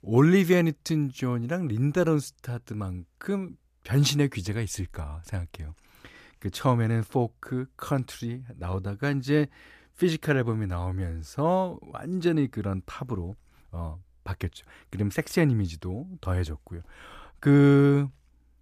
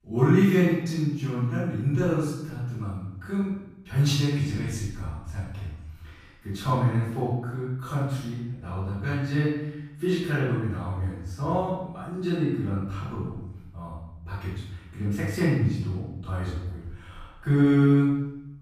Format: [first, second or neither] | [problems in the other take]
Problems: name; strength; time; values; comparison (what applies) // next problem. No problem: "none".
first | room echo; strong; dies away in 0.8 s // off-mic speech; far